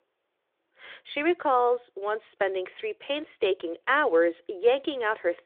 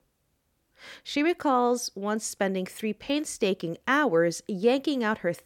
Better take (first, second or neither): second